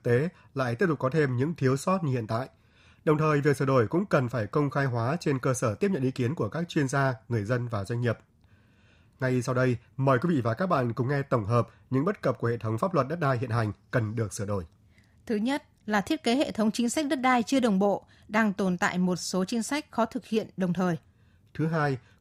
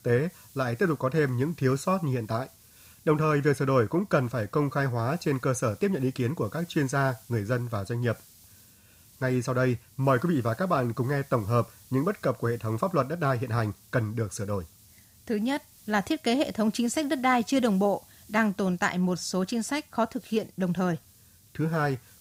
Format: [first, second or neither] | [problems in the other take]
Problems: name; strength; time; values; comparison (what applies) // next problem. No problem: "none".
first | hiss; faint; throughout; 25 dB below the speech